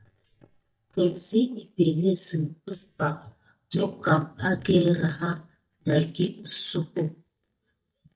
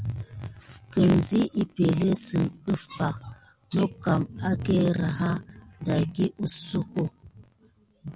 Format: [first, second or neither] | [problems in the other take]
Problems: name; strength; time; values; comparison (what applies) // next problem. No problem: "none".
second | noise reduction (neural mask model DeepFilterNet 3)